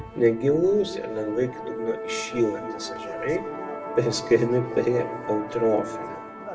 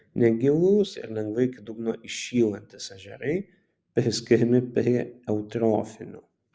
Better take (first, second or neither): second